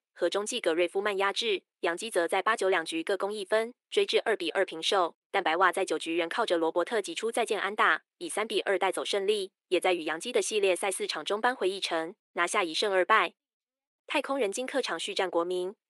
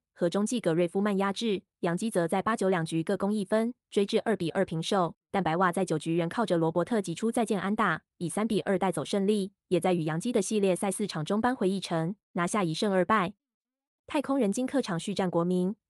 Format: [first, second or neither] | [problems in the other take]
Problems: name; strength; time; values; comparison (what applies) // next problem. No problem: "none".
second | thin; very; fading below 350 Hz